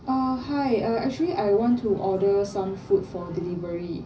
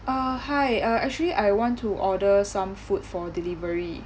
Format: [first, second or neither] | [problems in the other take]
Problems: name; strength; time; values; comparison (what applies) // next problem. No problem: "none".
second | background sound (Race car, auto racing / Engine starting); 20 dB below the speech // room echo; dies away in 0.5 s